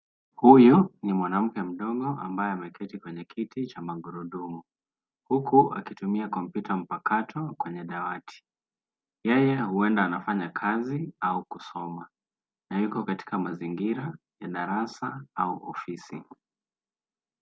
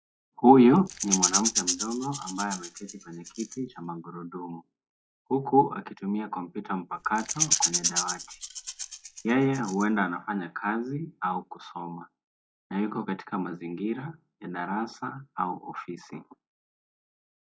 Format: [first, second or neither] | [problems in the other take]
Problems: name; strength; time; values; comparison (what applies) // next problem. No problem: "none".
first | noise reduction (classical method log-MMSE)